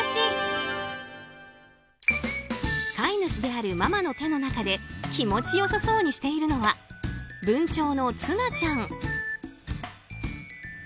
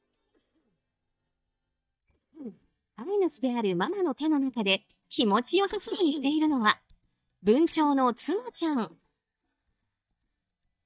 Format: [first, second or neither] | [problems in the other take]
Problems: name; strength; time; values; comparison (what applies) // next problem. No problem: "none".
first | noise reduction (neural mask model DeepFilterNet 3)